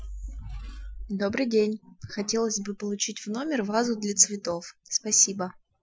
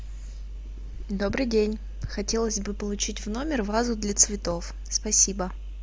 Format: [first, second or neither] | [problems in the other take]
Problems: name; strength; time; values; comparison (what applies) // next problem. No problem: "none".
second | noise reduction (classical method Wiener filter)